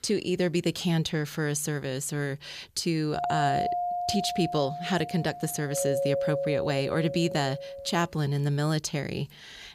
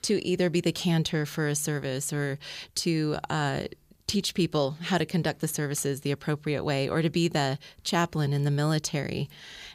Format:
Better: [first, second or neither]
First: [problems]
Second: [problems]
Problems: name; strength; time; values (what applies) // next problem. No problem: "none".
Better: second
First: doorbell; loud; from 3 to 8 s; peak 1 dB above the speech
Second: none